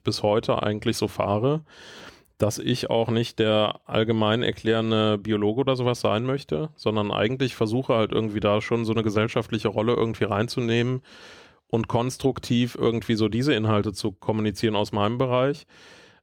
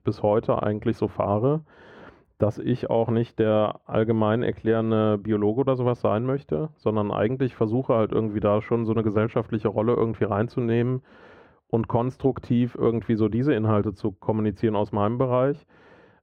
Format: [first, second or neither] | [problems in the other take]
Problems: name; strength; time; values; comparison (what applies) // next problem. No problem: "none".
first | muffled; very; fading above 3 kHz